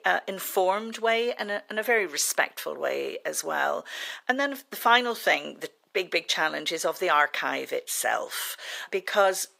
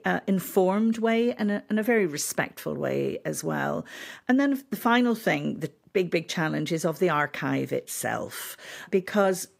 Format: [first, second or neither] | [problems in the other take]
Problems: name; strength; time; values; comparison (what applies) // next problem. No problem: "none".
second | thin; very; fading below 700 Hz